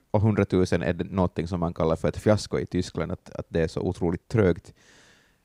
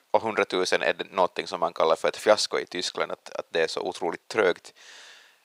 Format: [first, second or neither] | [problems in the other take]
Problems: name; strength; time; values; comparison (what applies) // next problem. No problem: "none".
first | thin; very; fading below 700 Hz